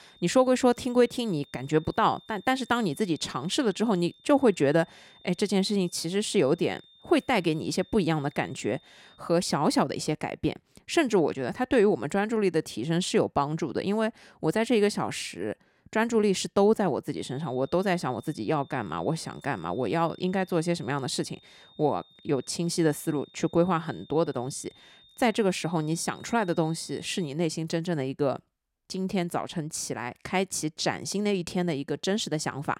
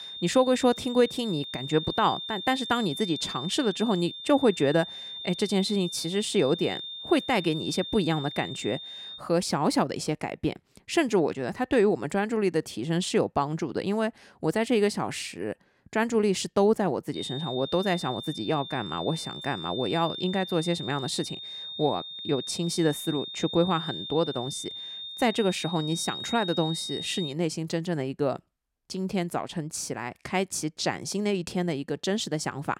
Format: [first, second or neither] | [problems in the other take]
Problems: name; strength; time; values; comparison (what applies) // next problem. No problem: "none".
first | high-pitched whine; loud; until 9 s and from 17 to 27 s; 3.5 kHz, 8 dB below the speech; faint in the first